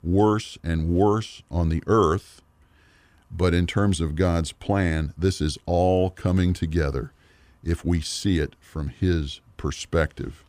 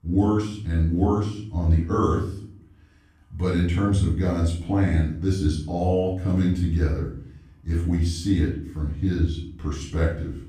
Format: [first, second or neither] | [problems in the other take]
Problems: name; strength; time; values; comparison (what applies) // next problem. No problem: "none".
first | off-mic speech; far // room echo; noticeable; dies away in 0.6 s